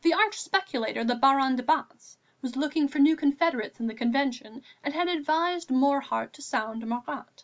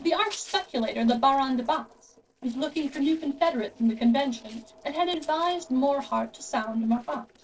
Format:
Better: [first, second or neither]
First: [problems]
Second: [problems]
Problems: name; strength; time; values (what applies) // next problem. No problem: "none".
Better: first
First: none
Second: noise reduction (neural separator model SepFormer DNS4)